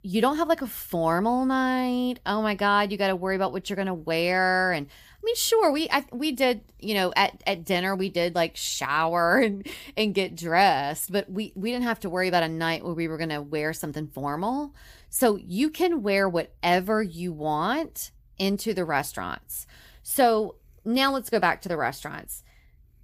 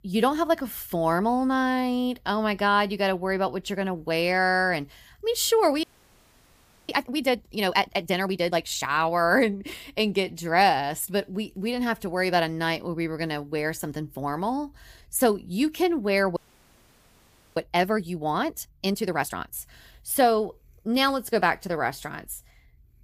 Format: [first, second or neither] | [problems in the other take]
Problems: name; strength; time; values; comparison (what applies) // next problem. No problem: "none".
first | audio freezing; at 6 s for 1 s and at 16 s for 1 s